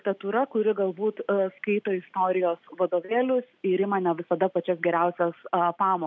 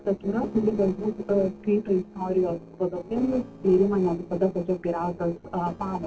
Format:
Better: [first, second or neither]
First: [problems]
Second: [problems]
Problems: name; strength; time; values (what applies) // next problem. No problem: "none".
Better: first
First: none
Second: noise reduction (neural separator model SepFormer DNS4)